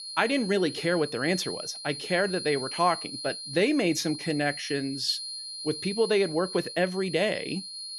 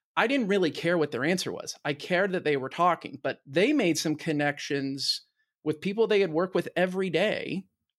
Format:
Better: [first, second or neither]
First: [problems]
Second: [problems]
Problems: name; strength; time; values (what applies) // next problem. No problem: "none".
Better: second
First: high-pitched whine; loud; throughout; 4 kHz, 8 dB below the speech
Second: none